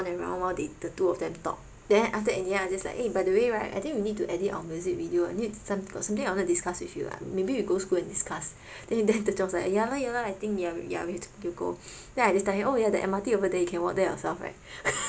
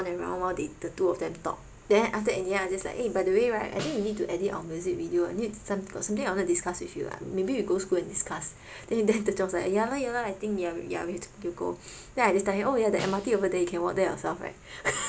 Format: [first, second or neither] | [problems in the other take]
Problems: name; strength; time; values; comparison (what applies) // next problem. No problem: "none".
first | background sound (Snare drum); 16 dB below the speech